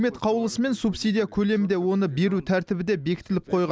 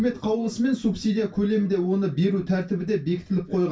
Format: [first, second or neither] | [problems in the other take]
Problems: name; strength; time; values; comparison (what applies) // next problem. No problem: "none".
first | room echo; dies away in 0.2 s